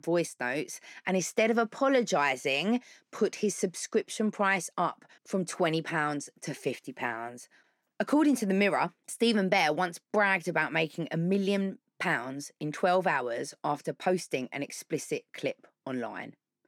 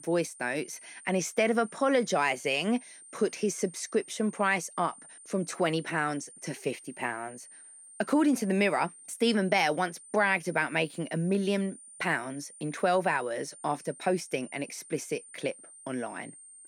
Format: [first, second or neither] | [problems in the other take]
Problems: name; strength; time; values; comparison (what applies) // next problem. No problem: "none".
first | high-pitched whine; noticeable; throughout; 9 kHz, 20 dB below the speech